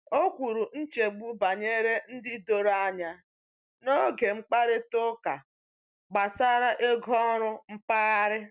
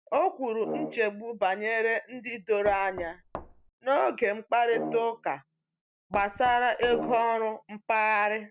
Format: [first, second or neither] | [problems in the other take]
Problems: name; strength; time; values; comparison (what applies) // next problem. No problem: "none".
first | background sound (Brass instrument + Knock); 11 dB below the speech